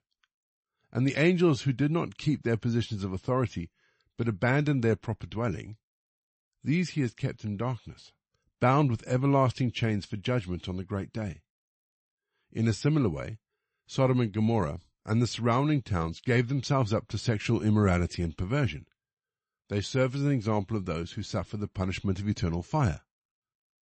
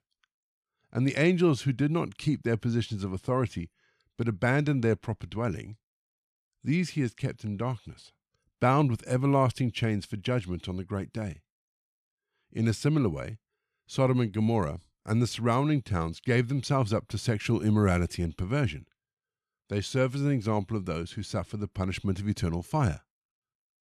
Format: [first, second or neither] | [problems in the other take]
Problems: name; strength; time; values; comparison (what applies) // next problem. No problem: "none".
second | garbled, watery; slightly; nothing above 8 kHz